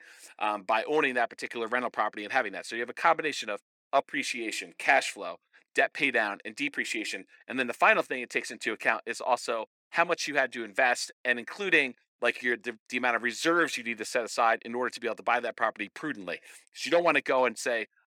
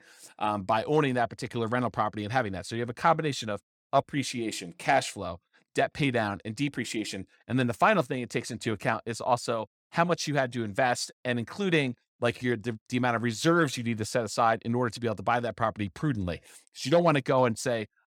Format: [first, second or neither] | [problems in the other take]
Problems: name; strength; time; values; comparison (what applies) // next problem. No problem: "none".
second | thin; somewhat; fading below 300 Hz